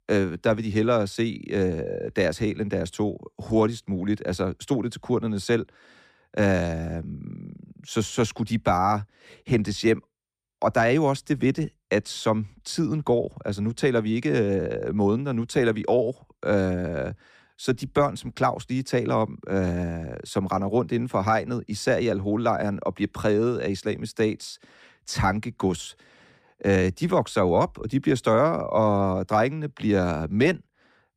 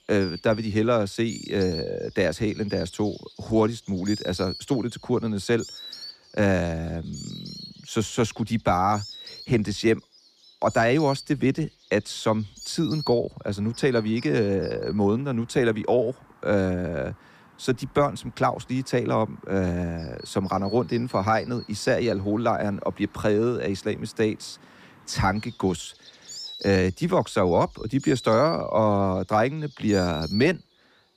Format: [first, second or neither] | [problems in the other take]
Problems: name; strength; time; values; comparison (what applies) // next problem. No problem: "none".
first | animal sounds; noticeable; throughout; 15 dB below the speech